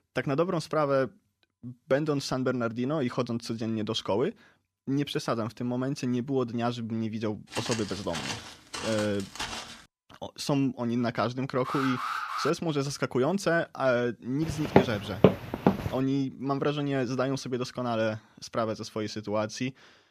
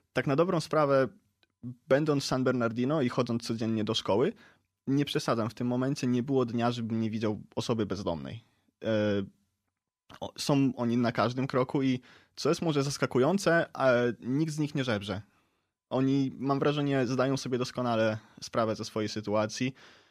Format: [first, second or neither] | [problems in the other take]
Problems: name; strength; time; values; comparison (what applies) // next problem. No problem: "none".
second | footsteps; noticeable; from 7.5 to 10 s; peak 4 dB below the speech // alarm; noticeable; at 12 s; peak 1 dB below the speech // footsteps; loud; from 14 to 16 s; peak 6 dB above the speech